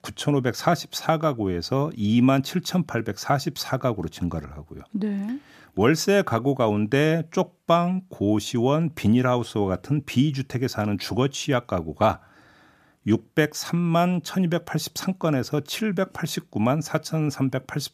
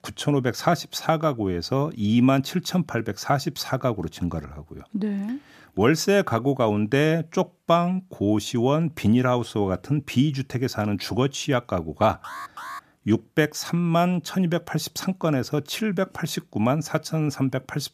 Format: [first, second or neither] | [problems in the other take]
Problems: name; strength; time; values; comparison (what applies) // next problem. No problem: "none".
first | alarm; faint; at 12 s; peak 10 dB below the speech